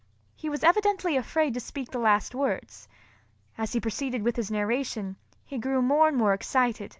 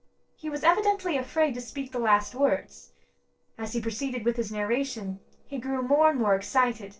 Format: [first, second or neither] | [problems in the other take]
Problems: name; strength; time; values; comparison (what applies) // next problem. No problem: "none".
first | noise reduction (neural separator model SepFormer DNS4)